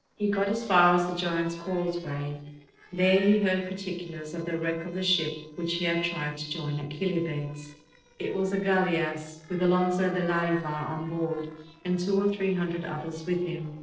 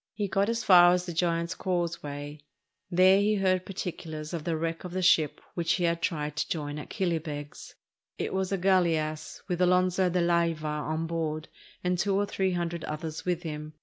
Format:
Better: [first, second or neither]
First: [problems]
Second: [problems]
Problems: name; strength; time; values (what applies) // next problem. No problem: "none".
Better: second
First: noise reduction (neural separator model SepFormer DNS4)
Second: none